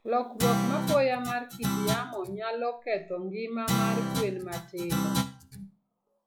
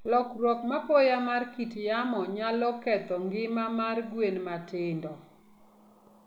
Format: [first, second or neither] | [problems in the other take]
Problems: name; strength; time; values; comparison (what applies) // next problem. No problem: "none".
second | noise reduction (classical method log-MMSE)